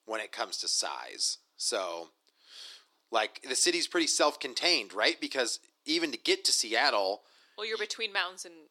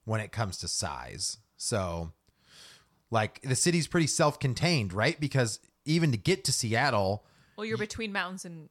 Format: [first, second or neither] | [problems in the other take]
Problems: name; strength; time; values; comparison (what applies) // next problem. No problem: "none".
second | thin; very; fading below 300 Hz